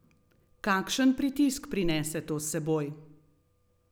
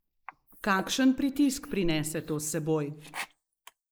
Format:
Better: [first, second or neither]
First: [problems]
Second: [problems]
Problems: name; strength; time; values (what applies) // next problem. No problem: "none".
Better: first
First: none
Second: noise reduction (neural mask model Resemble Enhance denoiser)